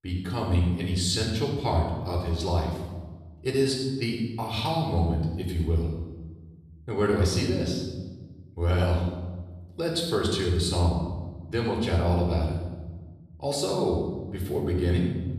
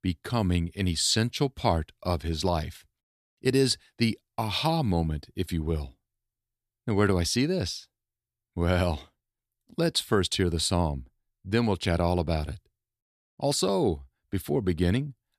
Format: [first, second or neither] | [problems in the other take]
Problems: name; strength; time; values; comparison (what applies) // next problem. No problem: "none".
second | off-mic speech; somewhat distant // room echo; noticeable; dies away in 1.2 s